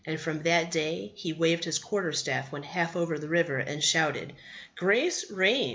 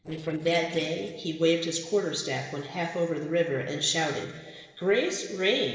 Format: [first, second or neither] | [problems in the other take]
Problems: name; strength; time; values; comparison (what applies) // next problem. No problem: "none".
first | noise reduction (neural separator model SepFormer DNS4)